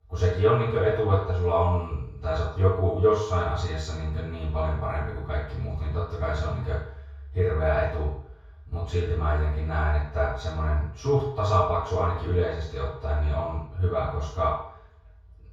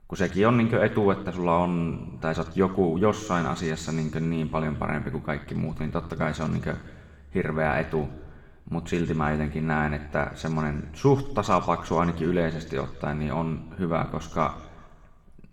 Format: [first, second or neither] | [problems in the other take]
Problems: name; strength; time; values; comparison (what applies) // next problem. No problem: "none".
second | room echo; strong; dies away in 0.7 s; slight in the second // off-mic speech; far